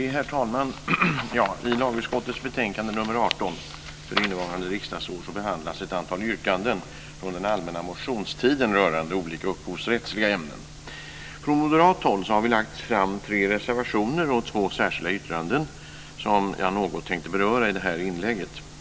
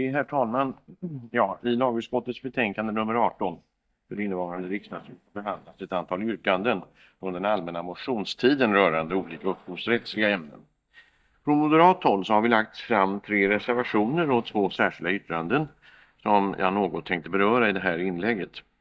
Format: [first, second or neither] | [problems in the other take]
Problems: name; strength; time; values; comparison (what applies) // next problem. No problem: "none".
first | noise reduction (neural mask model DeepFilterNet 3)